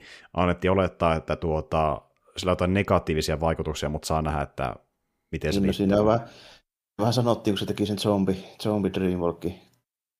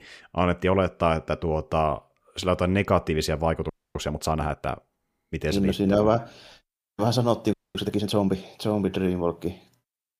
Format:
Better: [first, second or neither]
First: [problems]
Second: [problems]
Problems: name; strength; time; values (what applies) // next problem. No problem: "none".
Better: first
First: none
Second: audio freezing; at 3.5 s and at 7.5 s